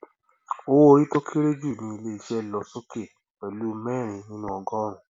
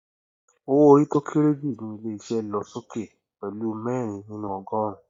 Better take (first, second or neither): first